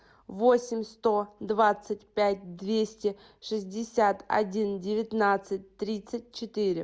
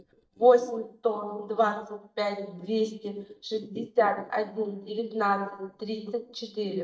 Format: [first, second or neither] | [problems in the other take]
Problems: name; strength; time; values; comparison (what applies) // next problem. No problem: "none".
first | noise reduction (neural mask model DeepFilterNet 3)